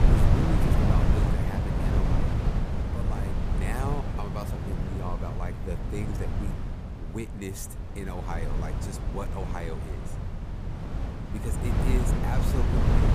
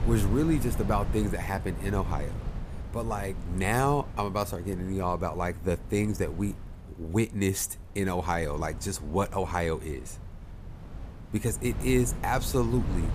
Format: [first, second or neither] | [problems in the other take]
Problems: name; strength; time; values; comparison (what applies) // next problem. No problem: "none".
second | wind noise on the microphone; heavy; 2 dB above the speech; occasional gusts in the second